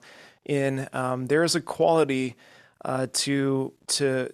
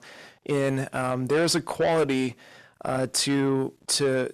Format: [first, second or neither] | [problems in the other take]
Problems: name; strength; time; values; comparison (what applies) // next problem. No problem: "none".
first | distortion; slight; 10 dB below the speech